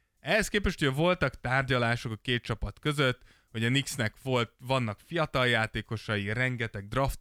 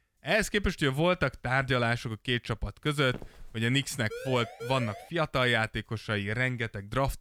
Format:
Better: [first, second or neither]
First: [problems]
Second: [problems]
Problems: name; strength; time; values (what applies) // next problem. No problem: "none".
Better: first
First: none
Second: footsteps; faint; at 3 s; peak 15 dB below the speech // siren; faint; at 4 s; peak 10 dB below the speech